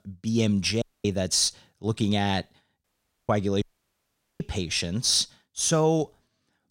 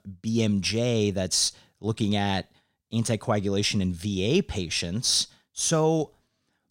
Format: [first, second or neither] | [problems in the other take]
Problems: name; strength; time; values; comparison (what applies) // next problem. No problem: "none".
second | audio cutting out; at 1 s, at 3 s and at 3.5 s for 1 s